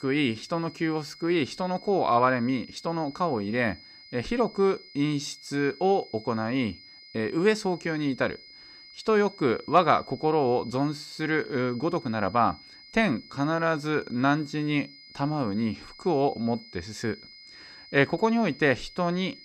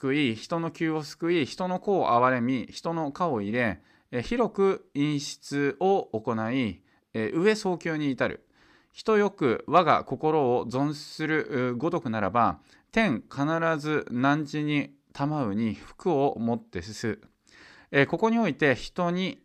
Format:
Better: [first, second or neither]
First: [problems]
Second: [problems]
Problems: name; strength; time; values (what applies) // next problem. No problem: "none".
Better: second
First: high-pitched whine; noticeable; throughout; 5 kHz, 20 dB below the speech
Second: none